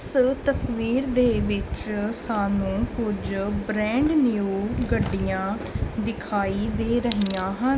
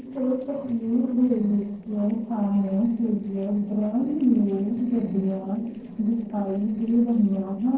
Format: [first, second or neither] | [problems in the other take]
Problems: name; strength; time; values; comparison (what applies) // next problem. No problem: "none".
first | noise reduction (neural separator model SepFormer DNS4)